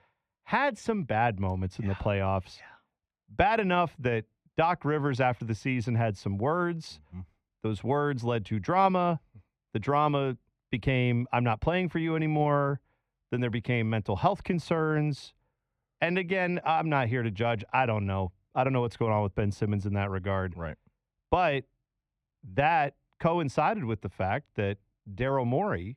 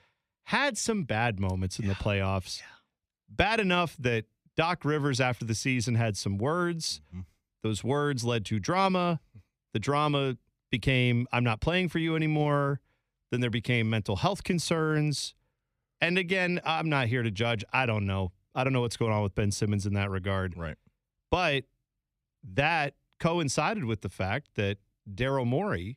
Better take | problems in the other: second | muffled; very; fading above 3.5 kHz

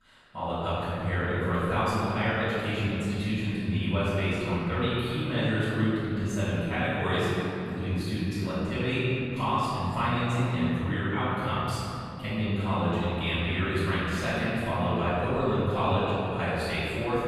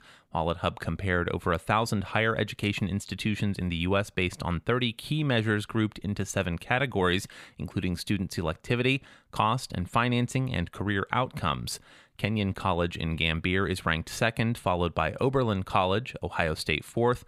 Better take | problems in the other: second | off-mic speech; far // room echo; strong; dies away in 2.6 s

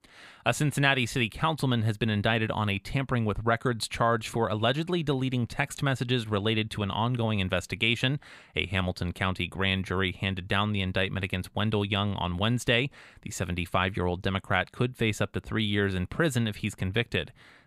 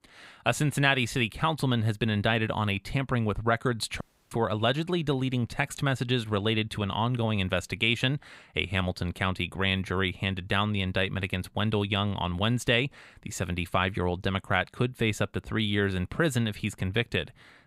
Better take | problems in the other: first | audio cutting out; at 4 s

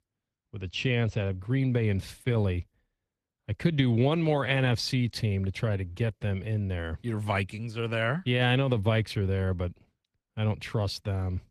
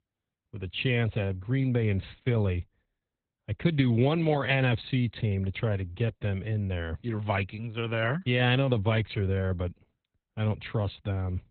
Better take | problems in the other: first | garbled, watery; badly; nothing above 4 kHz; slightly in the first

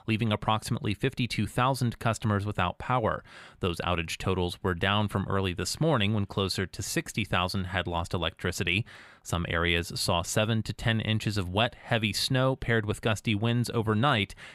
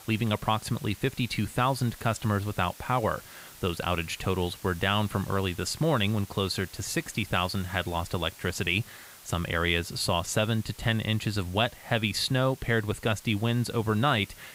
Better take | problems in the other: first | hiss; noticeable; throughout; 20 dB below the speech

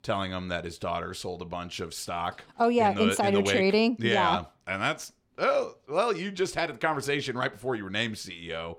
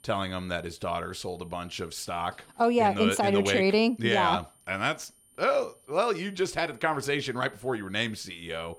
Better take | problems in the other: first | high-pitched whine; faint; throughout; 9 kHz, 30 dB below the speech

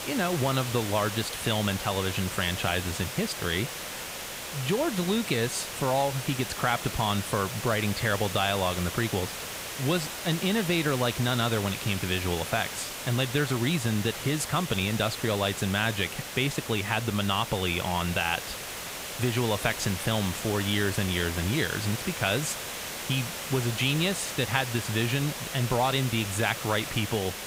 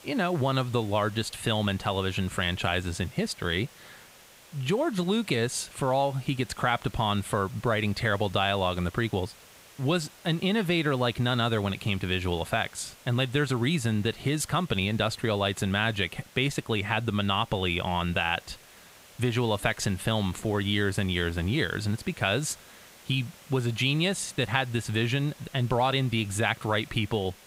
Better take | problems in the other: second | hiss; loud; throughout; 6 dB below the speech; faint in the second

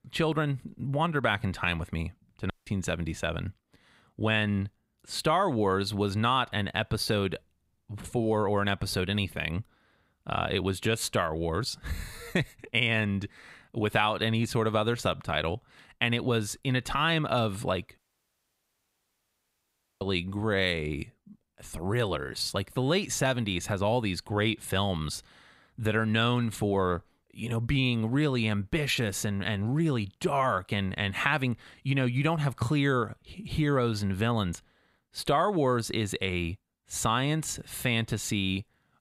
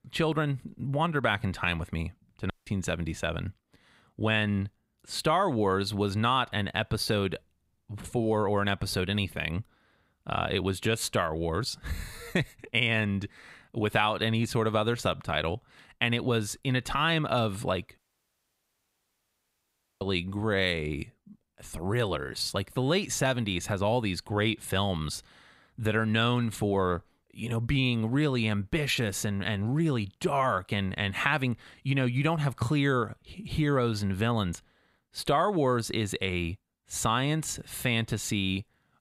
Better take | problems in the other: neither | audio cutting out; at 2.5 s and at 18 s for 2 s; the same in both

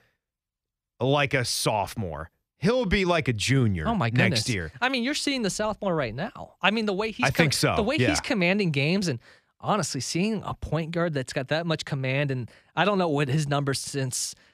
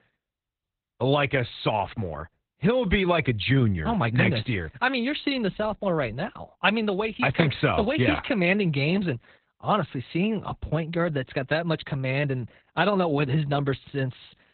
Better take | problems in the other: first | garbled, watery; badly; nothing above 4 kHz

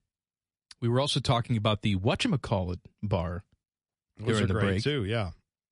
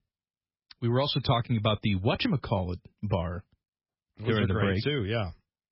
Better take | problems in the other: first | garbled, watery; badly; nothing above 5.5 kHz; slightly in the first

